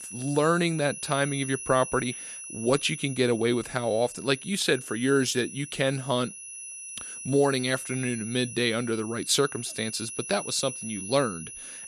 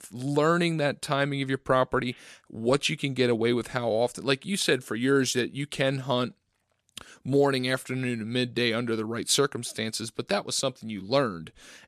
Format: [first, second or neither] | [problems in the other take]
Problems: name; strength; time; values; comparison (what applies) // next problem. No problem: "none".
second | high-pitched whine; noticeable; throughout; 10.5 kHz, 10 dB below the speech